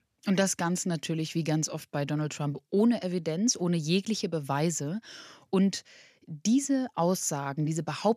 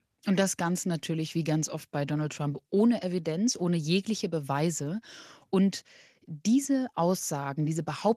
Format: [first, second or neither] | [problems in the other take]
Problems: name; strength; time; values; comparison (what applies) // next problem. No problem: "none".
first | garbled, watery; slightly; nothing above 14 kHz